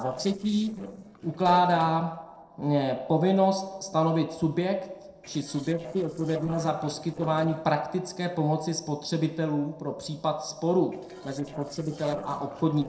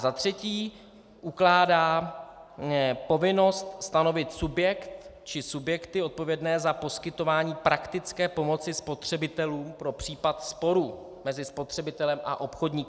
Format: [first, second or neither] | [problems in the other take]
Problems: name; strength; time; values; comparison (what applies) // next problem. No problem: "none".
second | noise reduction (neural separator model SepFormer DNS4)